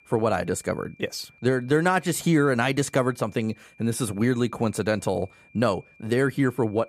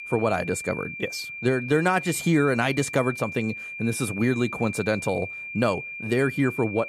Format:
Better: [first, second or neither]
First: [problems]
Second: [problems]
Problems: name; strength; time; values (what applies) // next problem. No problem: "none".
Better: first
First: high-pitched whine; faint; throughout; 2.5 kHz, 30 dB below the speech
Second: high-pitched whine; loud; throughout; 2.5 kHz, 8 dB below the speech